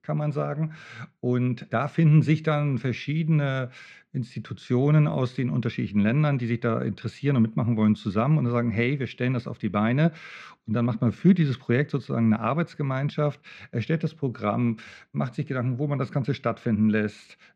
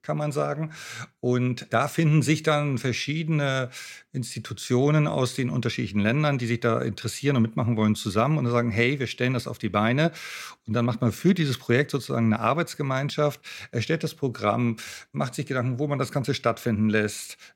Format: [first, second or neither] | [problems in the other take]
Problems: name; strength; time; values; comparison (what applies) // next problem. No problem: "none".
second | muffled; slightly; fading above 3 kHz